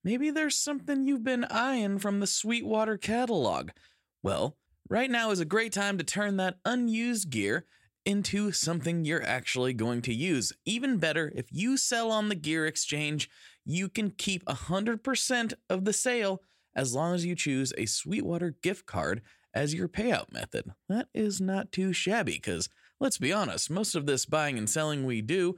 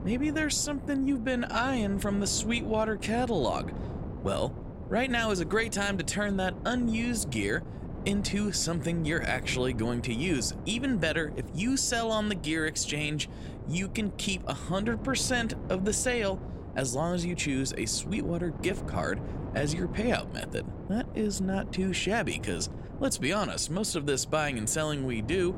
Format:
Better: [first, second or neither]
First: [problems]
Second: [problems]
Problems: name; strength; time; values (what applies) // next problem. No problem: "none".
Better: first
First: none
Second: wind noise on the microphone; occasional gusts; 15 dB below the speech